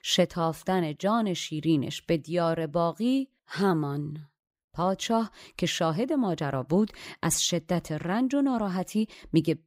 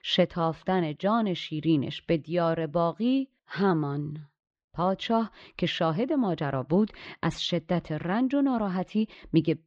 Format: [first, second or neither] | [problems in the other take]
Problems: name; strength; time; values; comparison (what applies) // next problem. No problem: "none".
first | muffled; slightly; fading above 4 kHz